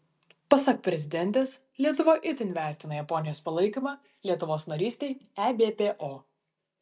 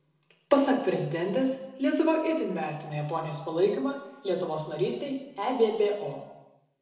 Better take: first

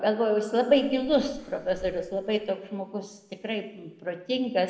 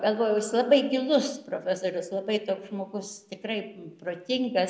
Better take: second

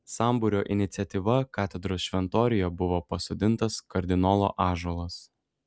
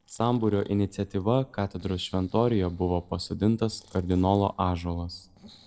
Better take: first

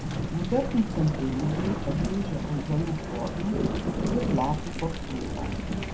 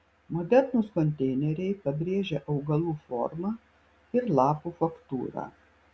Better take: second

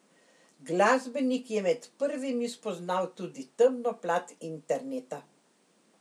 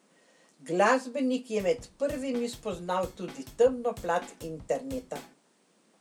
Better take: first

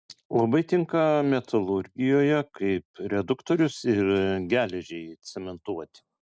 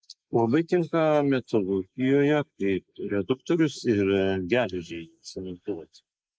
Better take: first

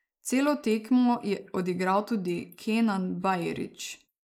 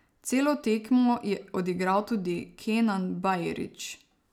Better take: second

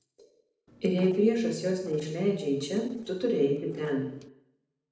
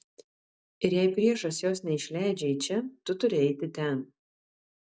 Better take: second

